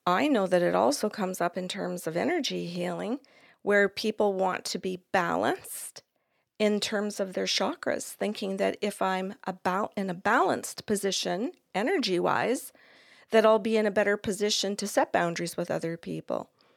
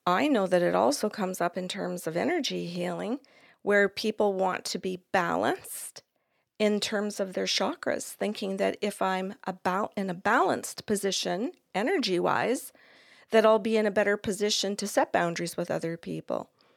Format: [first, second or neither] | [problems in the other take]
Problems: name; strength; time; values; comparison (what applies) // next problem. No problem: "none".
neither | none